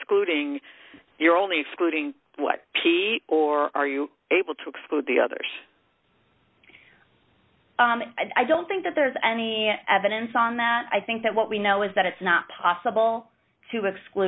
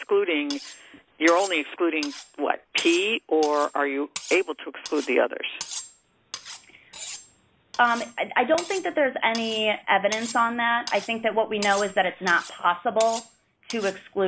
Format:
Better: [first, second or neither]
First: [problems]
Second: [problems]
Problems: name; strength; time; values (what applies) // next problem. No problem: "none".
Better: first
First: none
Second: background sound (Cutlery, silverware); 15 dB below the speech